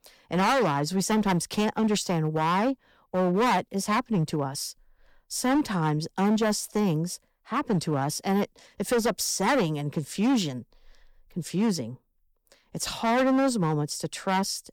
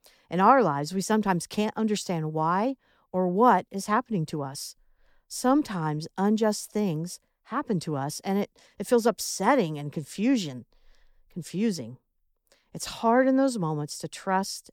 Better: second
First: distortion; heavy; 10% of the sound clipped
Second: none

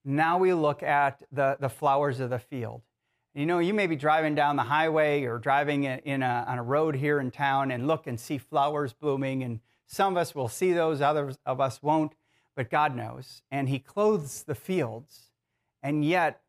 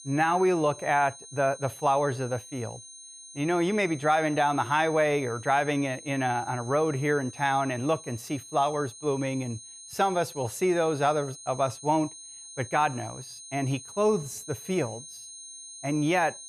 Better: first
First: none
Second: high-pitched whine; noticeable; throughout; 6.5 kHz, 15 dB below the speech

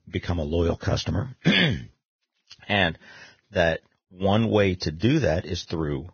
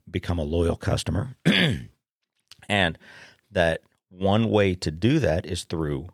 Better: second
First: garbled, watery; badly; nothing above 6.5 kHz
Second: none

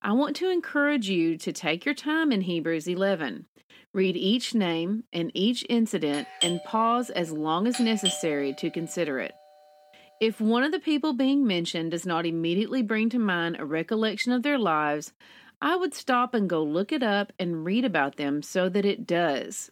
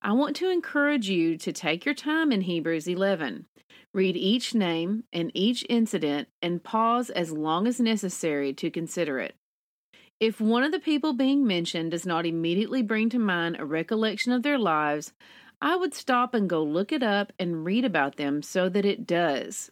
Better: second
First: doorbell; noticeable; from 6 to 8 s; peak 1 dB below the speech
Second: none

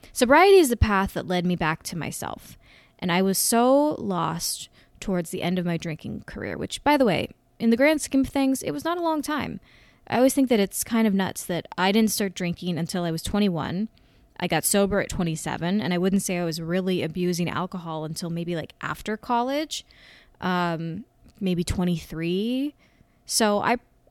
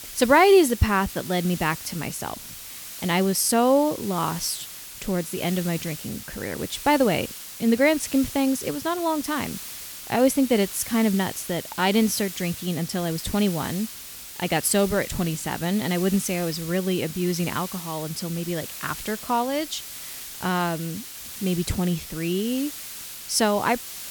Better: first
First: none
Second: hiss; noticeable; throughout; 10 dB below the speech

